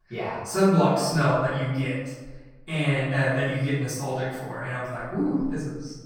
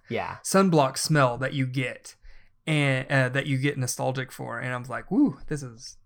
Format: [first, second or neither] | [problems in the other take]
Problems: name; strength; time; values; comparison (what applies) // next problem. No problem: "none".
second | off-mic speech; far // room echo; strong; dies away in 1 s